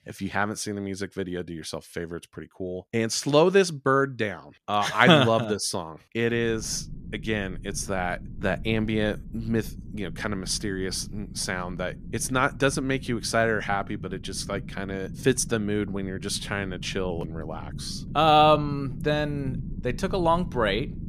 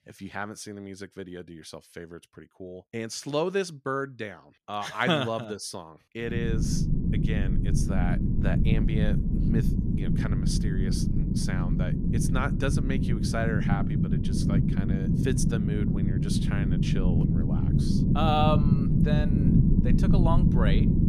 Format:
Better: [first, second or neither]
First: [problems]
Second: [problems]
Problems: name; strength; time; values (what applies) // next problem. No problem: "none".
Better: first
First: low rumble; faint; from 6.5 s on; 25 dB below the speech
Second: low rumble; loud; from 6.5 s on; 2 dB below the speech